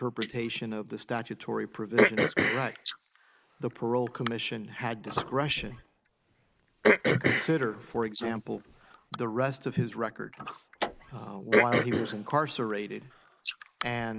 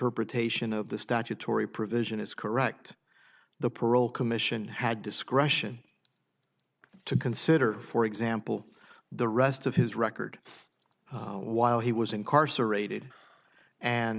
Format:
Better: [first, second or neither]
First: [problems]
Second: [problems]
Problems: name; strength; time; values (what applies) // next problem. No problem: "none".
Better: second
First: noise reduction (neural mask model Resemble Enhance denoiser)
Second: none